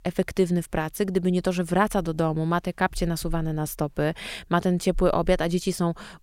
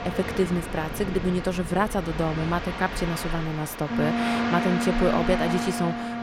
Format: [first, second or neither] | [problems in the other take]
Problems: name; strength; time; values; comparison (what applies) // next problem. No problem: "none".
first | train or aircraft noise; loud; throughout; 3 dB below the speech